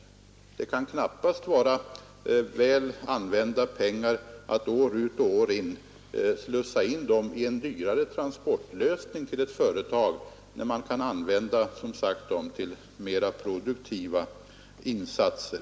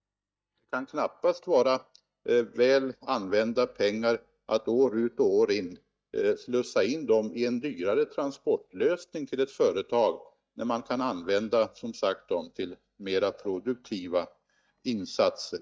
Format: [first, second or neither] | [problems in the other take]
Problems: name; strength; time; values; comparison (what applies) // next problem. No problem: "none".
first | noise reduction (neural mask model DeepFilterNet 3)